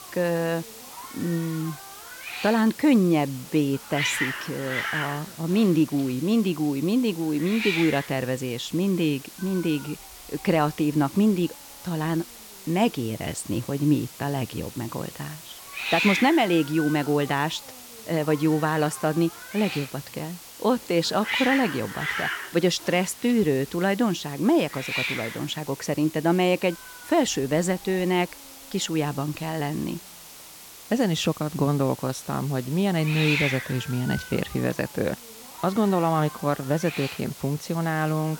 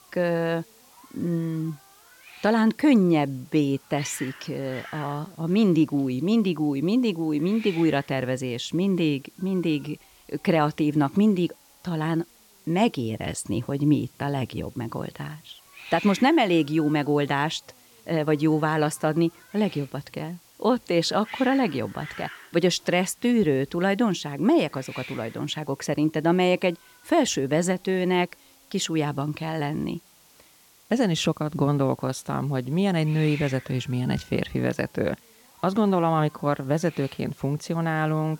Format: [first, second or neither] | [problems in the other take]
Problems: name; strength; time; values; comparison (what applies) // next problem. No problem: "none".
second | hiss; loud; throughout; 9 dB below the speech; faint in the second